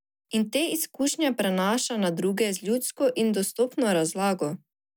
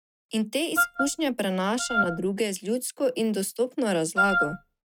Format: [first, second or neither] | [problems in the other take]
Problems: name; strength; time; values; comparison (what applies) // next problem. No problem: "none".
first | noise reduction (neural mask model RNNoise)